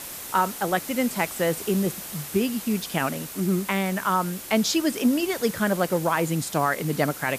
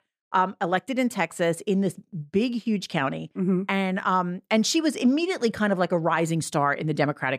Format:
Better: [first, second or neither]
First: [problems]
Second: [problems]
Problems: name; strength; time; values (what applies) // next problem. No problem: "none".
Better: second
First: hiss; loud; throughout; 10 dB below the speech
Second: none